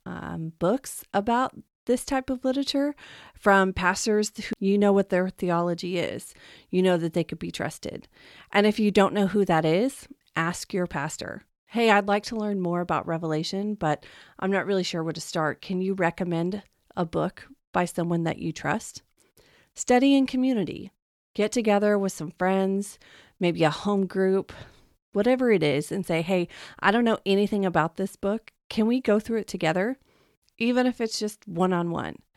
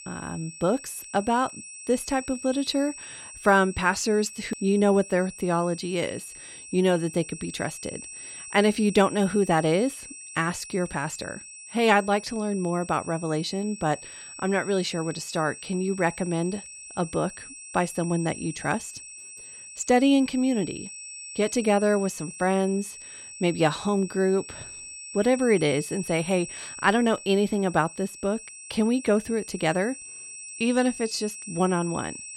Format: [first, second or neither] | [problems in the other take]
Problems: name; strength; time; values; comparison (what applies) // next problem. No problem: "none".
first | high-pitched whine; noticeable; throughout; 8 kHz, 15 dB below the speech